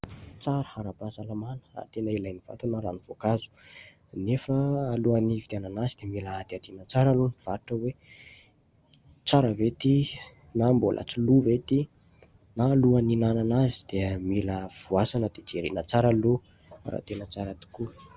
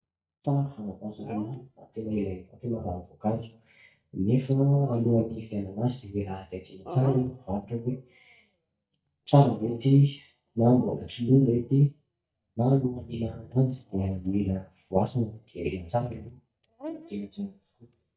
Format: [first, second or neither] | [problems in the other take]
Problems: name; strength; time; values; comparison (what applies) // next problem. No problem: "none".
first | noise reduction (neural mask model DeepFilterNet 3)